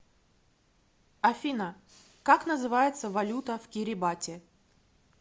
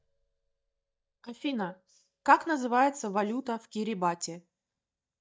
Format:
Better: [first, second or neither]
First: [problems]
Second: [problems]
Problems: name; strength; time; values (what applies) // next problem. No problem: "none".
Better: first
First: none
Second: noise reduction (neural mask model DeepFilterNet 3)